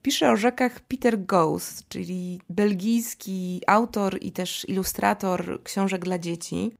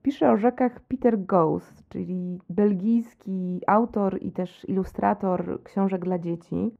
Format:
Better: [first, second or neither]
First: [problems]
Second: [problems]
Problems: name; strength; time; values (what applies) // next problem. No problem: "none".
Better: first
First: none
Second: muffled; very; fading above 2.5 kHz